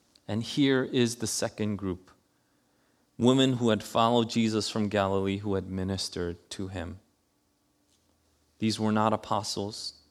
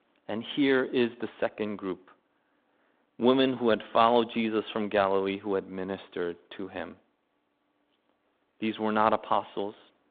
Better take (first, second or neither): first